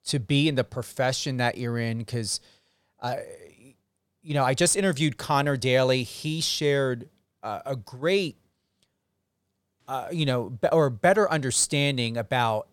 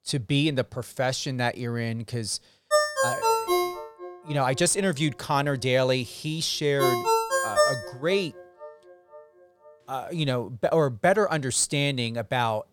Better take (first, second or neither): first